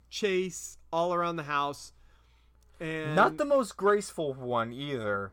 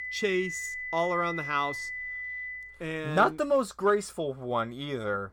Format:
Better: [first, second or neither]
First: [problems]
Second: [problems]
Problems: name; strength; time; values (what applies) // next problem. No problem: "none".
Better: first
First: none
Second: high-pitched whine; loud; until 2.5 s; 2 kHz, 6 dB below the speech